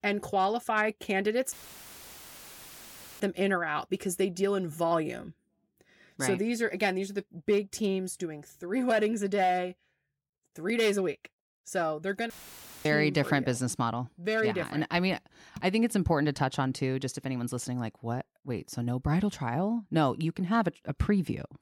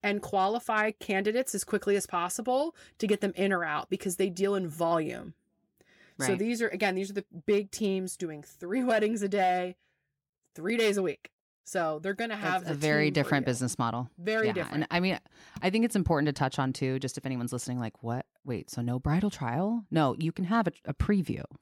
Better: second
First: audio cutting out; filled with static; at 1.5 s for 1.5 s and at 12 s for 0.5 s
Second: none

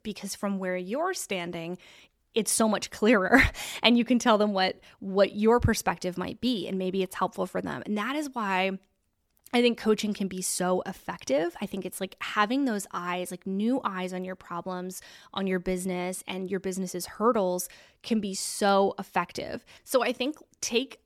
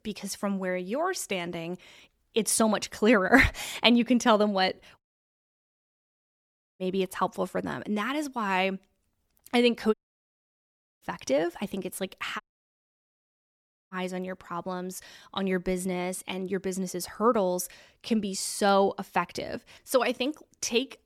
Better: first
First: none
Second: audio cutting out; at 5 s for 2 s, at 10 s for 1 s and at 12 s for 1.5 s

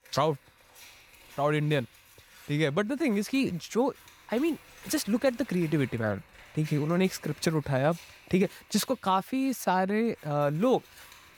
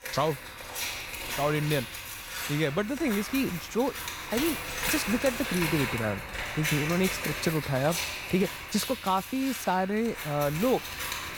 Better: first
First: household noises; faint; throughout; 20 dB below the speech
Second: household noises; loud; throughout; 4 dB below the speech

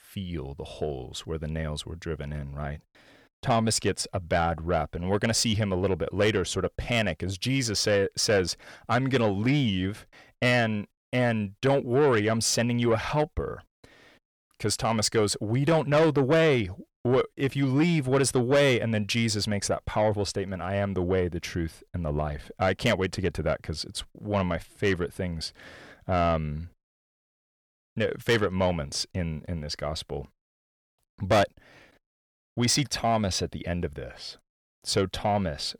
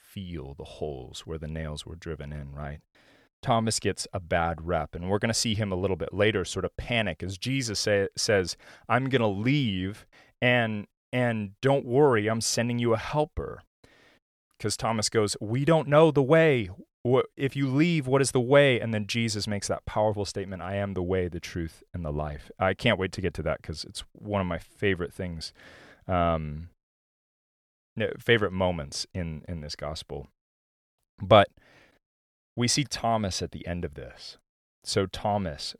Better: second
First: distortion; slight; 10 dB below the speech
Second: none

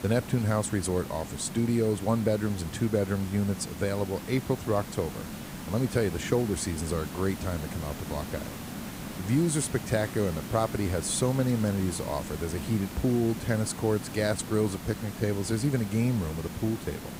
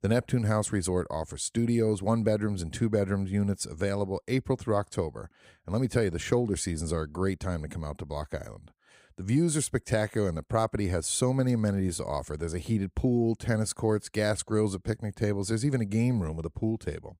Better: second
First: hiss; loud; throughout; 10 dB below the speech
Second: none

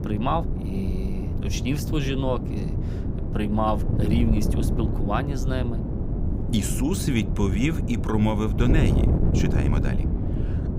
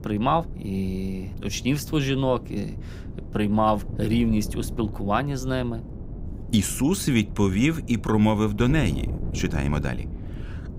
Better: second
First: wind noise on the microphone; heavy; 5 dB below the speech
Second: wind noise on the microphone; occasional gusts; 15 dB below the speech

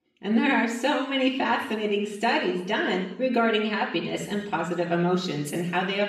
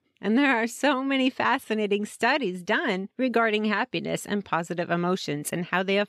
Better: second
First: room echo; noticeable; dies away in 0.7 s // off-mic speech; far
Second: none

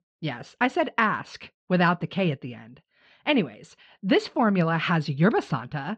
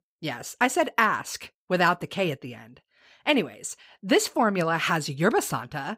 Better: second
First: muffled; very slightly; fading above 4.5 kHz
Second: none

